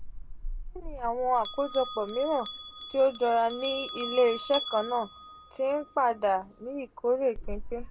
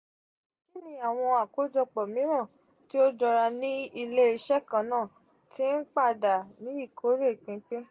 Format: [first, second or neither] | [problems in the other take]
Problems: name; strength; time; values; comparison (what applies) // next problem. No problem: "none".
second | background sound (Bell); 9 dB below the speech